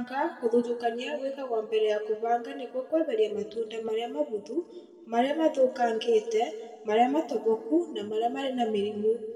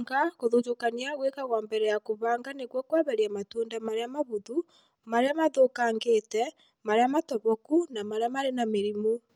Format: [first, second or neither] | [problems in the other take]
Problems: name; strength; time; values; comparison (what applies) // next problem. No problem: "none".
second | room echo; dies away in 1.4 s